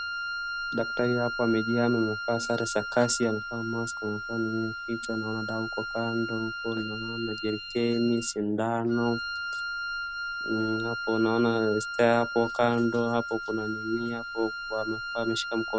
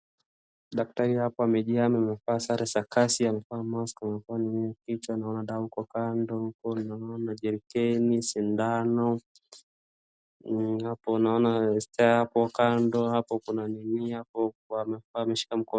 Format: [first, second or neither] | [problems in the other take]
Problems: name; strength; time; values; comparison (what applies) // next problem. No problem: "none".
second | background sound (Wind instrument, woodwind instrument); 6 dB below the speech